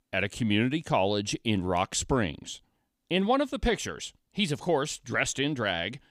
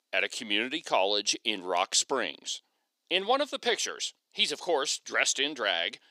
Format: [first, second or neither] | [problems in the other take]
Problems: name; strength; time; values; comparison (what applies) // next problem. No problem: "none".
first | thin; somewhat; fading below 400 Hz